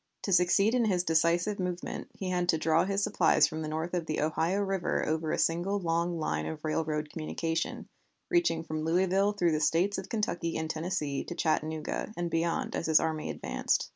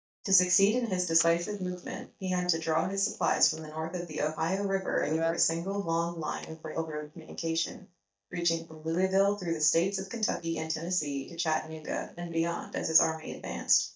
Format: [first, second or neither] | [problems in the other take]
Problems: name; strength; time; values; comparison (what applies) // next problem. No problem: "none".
first | noise reduction (neural mask model DeepFilterNet 3)